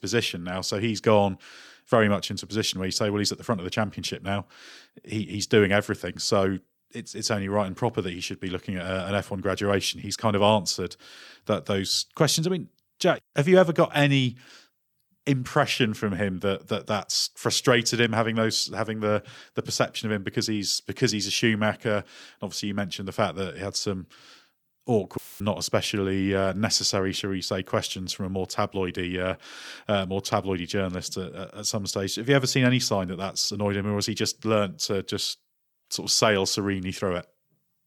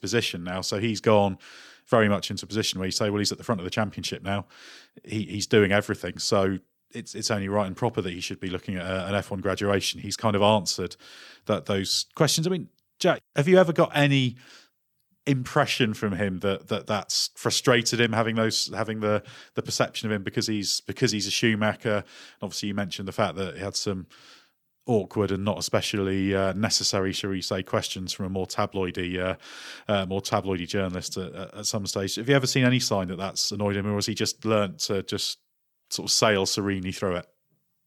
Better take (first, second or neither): second